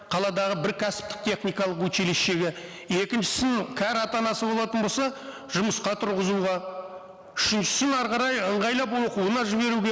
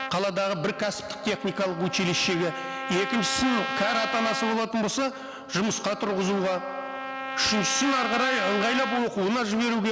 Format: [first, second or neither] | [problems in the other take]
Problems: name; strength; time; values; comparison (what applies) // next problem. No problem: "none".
first | background sound (Trumpet); 7 dB below the speech